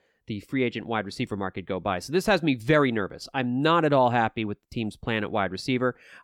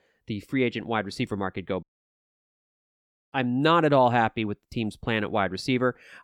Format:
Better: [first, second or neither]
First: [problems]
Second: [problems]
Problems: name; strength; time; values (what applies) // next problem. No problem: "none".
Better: first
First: none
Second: audio cutting out; at 2 s for 1.5 s